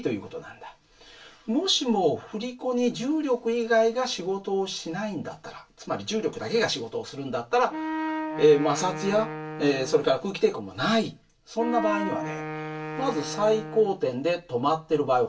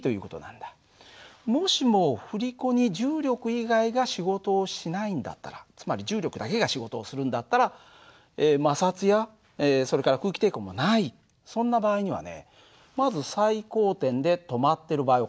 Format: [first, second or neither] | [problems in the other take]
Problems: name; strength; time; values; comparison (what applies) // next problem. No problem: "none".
second | background sound (Wind instrument, woodwind instrument); 7 dB below the speech // room echo; dies away in 0.2 s